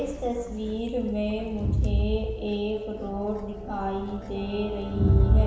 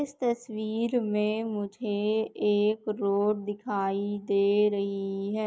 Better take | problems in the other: second | background sound (Crowd); 3 dB above the speech // room echo; dies away in 1 s

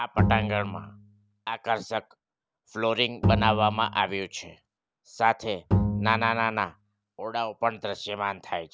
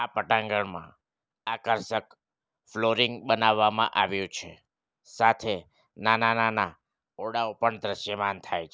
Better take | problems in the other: second | background sound (Bowed string instrument); as loud as the speech

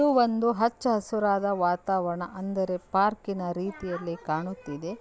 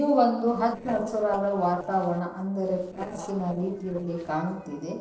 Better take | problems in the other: first | noise reduction (neural separator model SepFormer DNS4)

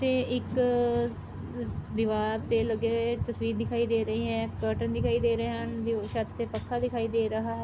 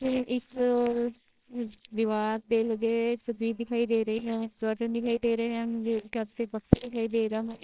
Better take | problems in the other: first | noise reduction (neural separator model SepFormer WHAMR!)

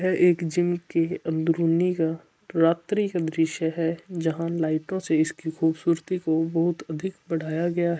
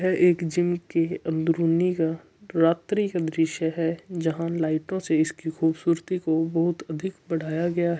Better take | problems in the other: second | noise reduction (neural mask model Resemble Enhance denoiser)

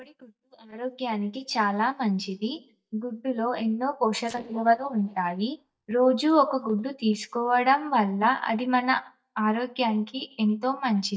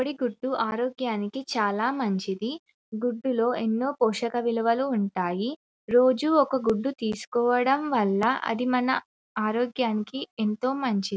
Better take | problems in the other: second | noise reduction (neural mask model DeepFilterNet 3)

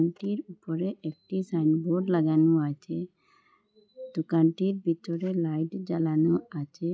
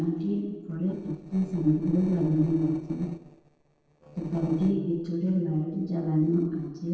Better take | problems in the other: first | noise reduction (neural separator model SepFormer DNS4)

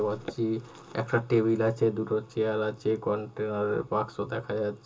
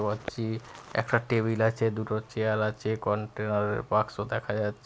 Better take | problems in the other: second | room echo; dies away in 0.2 s

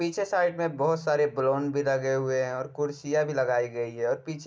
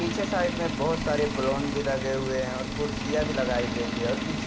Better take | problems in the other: first | background sound (Engine); 2 dB below the speech

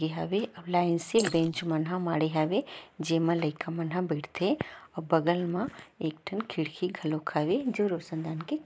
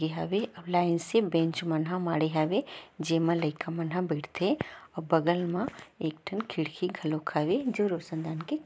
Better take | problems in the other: second | noise reduction (neural mask model Resemble Enhance denoiser)

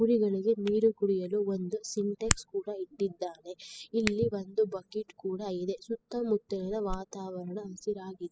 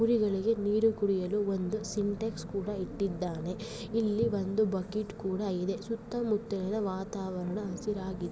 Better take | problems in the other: second | noise reduction (classical method spectral subtraction)

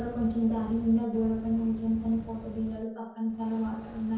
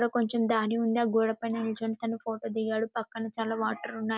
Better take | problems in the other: second | background sound (Fire); 14 dB below the speech // room echo; dies away in 0.9 s

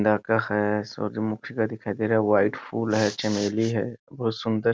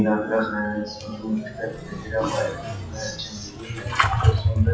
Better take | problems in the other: first | noise reduction (classical method WPE with log-MMSE)

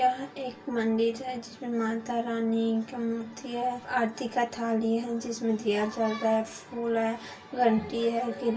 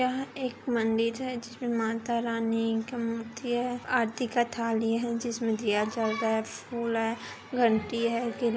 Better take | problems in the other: second | room echo; dies away in 0.2 s

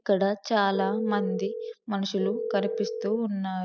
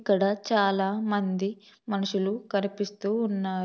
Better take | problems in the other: second | noise reduction (classical method spectral subtraction)

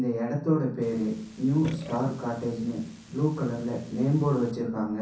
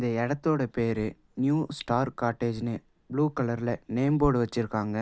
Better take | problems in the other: second | background sound (Burping, eructation); 19 dB below the speech // room echo; dies away in 0.6 s

